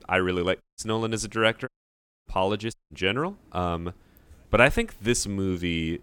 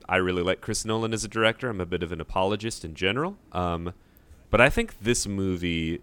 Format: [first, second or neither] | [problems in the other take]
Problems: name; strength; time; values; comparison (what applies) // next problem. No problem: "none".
second | audio cutting out; at 0.5 s, at 1.5 s for 0.5 s and at 2.5 s